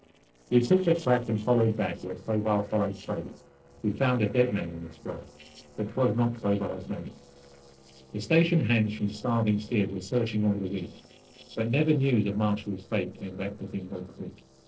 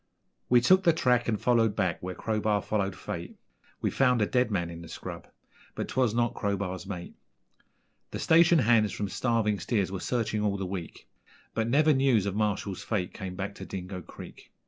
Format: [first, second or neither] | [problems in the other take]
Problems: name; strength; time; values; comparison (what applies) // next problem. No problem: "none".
second | noise reduction (neural separator model SepFormer DNS4)